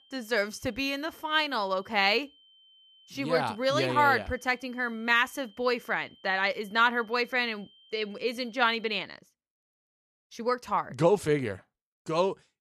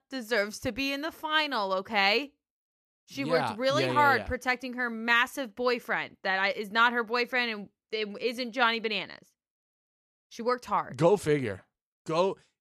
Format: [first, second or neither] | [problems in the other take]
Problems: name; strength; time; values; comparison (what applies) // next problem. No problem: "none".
second | high-pitched whine; faint; until 9 s; 3 kHz, 30 dB below the speech